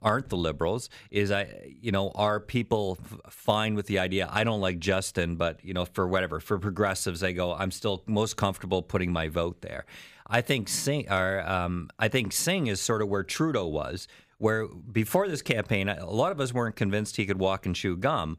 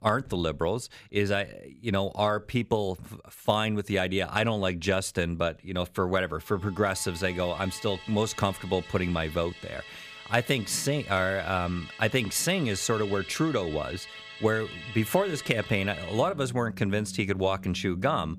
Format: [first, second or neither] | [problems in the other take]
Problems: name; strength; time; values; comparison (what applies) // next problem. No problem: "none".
first | background music; noticeable; from 7 s on; 15 dB below the speech